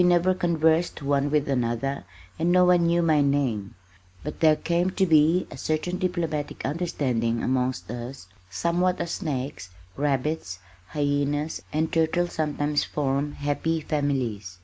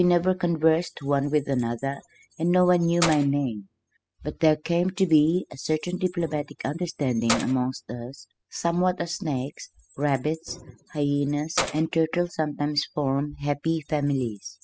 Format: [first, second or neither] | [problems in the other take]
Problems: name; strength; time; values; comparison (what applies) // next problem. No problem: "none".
first | noise reduction (classical method spectral subtraction)